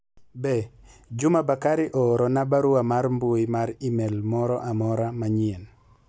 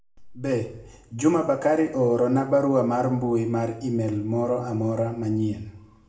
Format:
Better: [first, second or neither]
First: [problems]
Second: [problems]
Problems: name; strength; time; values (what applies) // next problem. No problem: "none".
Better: first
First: none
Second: room echo; dies away in 0.7 s